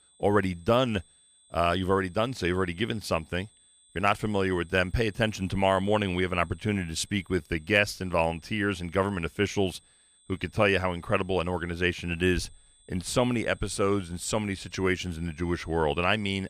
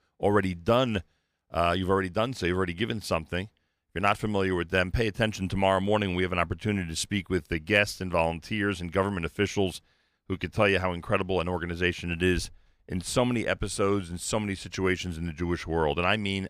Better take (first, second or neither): second